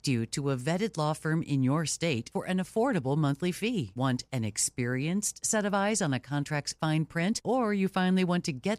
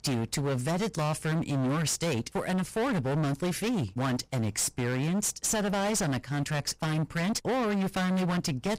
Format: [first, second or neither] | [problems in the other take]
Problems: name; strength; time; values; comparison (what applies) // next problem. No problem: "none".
first | distortion; heavy; 33% of the sound clipped